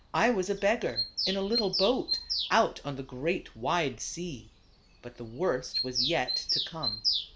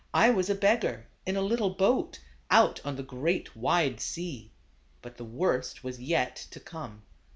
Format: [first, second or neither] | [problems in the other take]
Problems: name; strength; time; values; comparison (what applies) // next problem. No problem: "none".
second | background sound (Bird vocalization, bird call, bird song); 4 dB below the speech